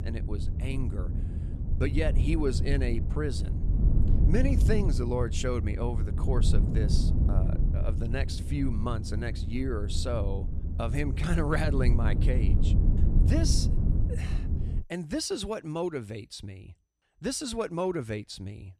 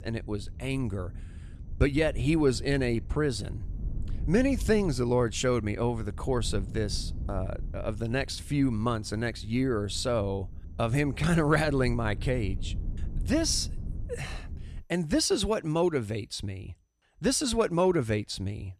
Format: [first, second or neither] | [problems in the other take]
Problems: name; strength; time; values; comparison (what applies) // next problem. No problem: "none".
second | low rumble; loud; until 15 s; 8 dB below the speech; faint in the second